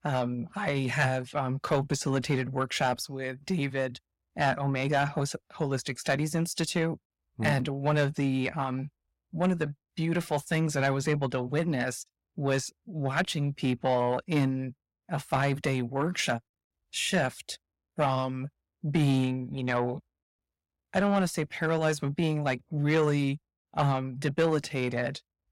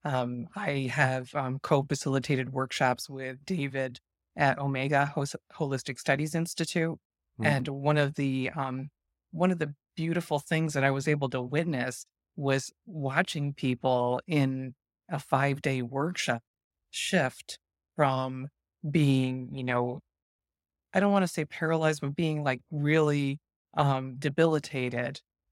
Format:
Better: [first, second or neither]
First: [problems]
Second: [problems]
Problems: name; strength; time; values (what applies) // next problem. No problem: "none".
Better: second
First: distortion; slight; 10 dB below the speech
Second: none